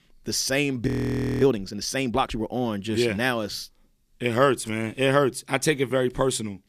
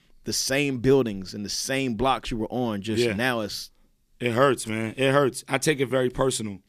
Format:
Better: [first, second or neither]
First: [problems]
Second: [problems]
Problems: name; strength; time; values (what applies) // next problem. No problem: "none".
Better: second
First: audio freezing; at 1 s for 0.5 s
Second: none